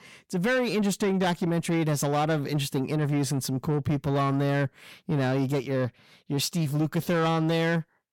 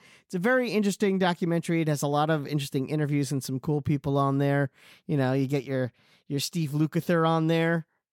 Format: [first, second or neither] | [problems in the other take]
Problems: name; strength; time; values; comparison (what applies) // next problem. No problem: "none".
second | distortion; slight; 10 dB below the speech